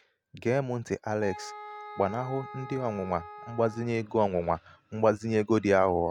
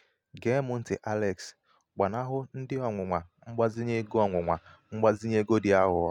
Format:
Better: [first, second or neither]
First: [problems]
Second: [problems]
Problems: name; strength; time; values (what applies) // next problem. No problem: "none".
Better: second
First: background sound (Wind instrument, woodwind instrument); 15 dB below the speech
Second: none